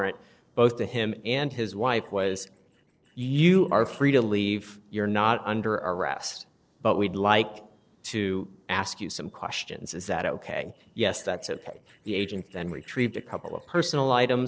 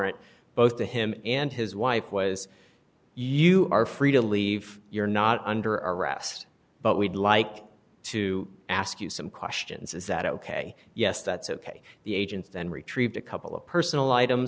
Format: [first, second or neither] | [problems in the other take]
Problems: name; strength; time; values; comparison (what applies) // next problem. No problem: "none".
second | noise reduction (neural separator model SepFormer DNS4)